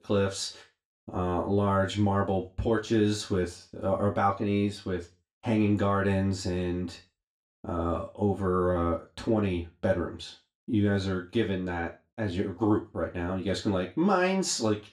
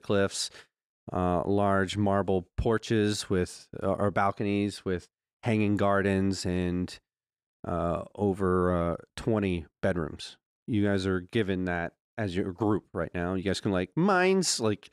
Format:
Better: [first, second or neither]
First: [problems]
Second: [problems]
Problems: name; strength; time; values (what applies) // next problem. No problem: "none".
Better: second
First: room echo; very slight; dies away in 0.3 s // off-mic speech; far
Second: none